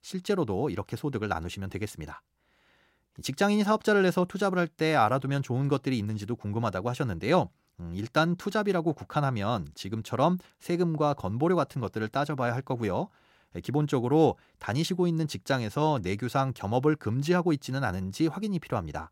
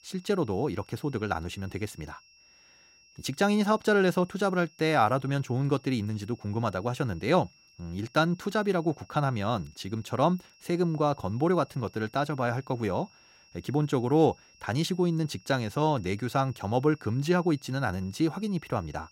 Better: first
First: none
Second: high-pitched whine; faint; throughout; 5.5 kHz, 30 dB below the speech

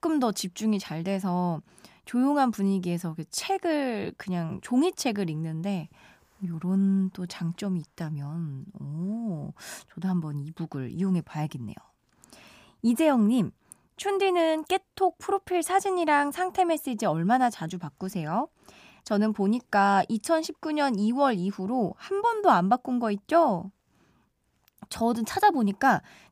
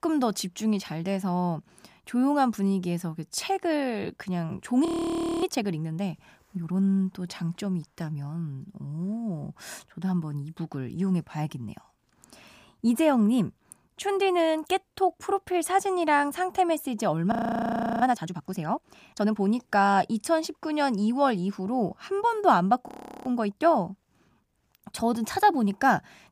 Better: first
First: none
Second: audio freezing; at 5 s for 0.5 s, at 17 s for 0.5 s and at 23 s

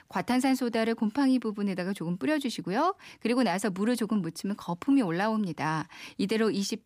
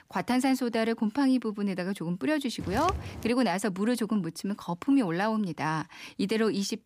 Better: first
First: none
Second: footsteps; noticeable; at 2.5 s; peak 8 dB below the speech

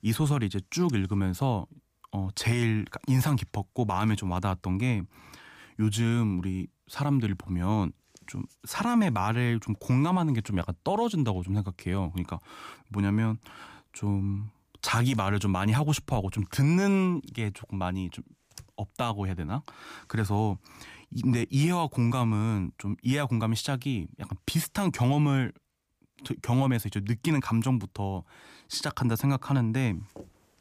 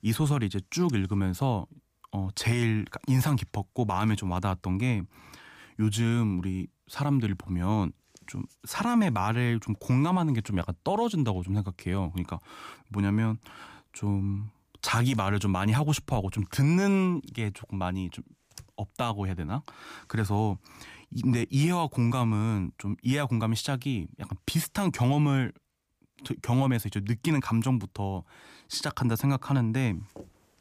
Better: neither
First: none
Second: none

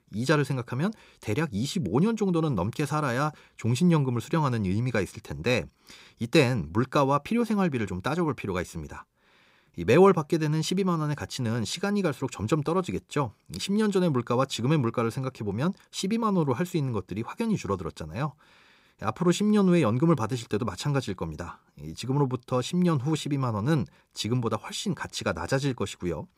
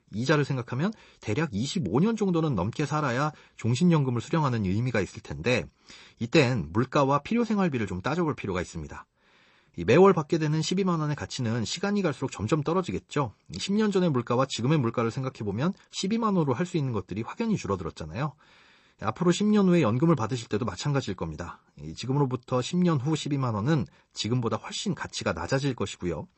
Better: first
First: none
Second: garbled, watery; slightly; nothing above 8 kHz

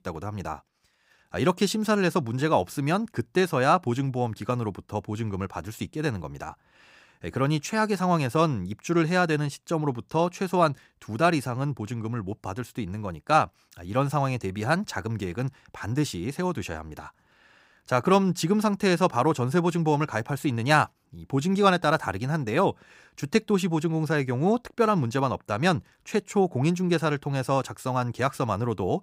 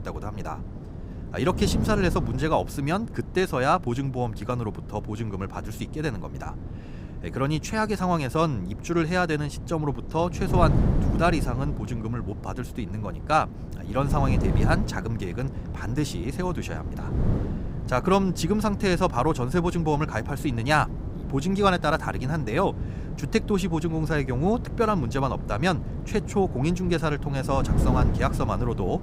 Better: first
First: none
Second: wind noise on the microphone; occasional gusts; 15 dB below the speech

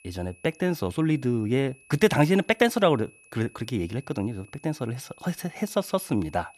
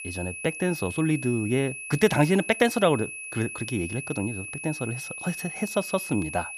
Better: first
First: high-pitched whine; faint; throughout; 2.5 kHz, 25 dB below the speech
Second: high-pitched whine; loud; throughout; 2.5 kHz, 8 dB below the speech

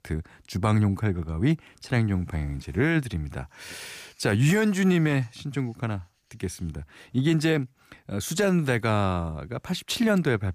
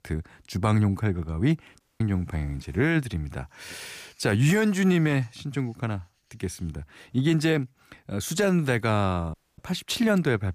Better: first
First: none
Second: audio cutting out; at 2 s and at 9.5 s

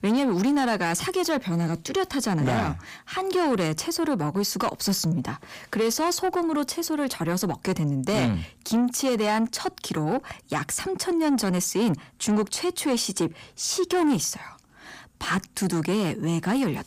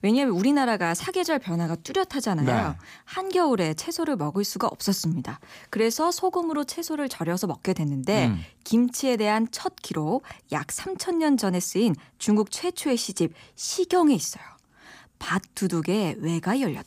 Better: second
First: distortion; slight; 10 dB below the speech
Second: none

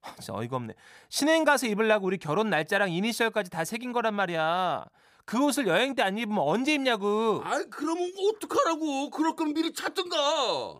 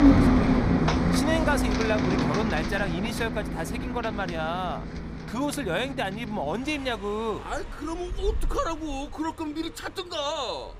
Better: first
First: none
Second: traffic noise; very loud; throughout; 3 dB above the speech

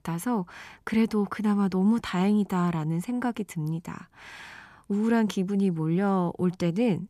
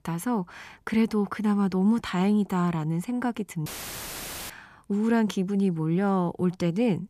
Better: first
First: none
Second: audio cutting out; filled with static; at 3.5 s for 1 s

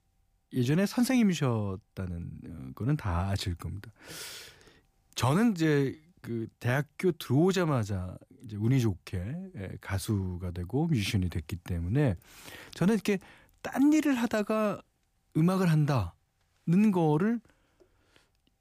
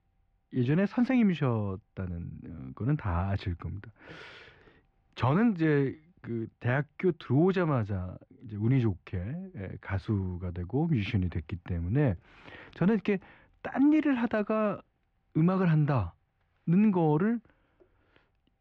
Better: first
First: none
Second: muffled; very; fading above 2.5 kHz

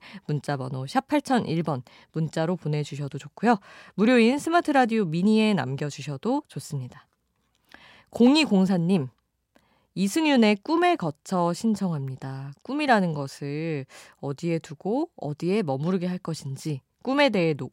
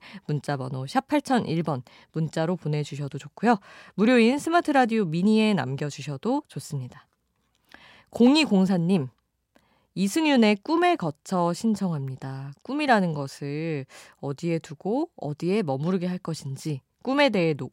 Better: neither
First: none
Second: none

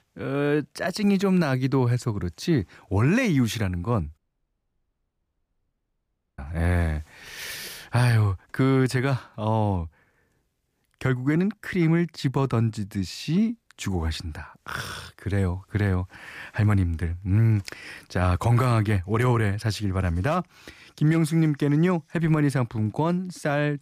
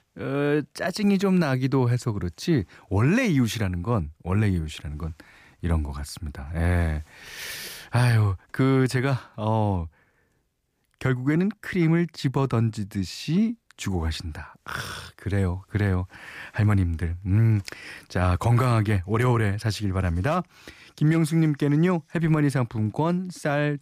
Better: second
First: audio cutting out; at 4 s for 2 s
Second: none

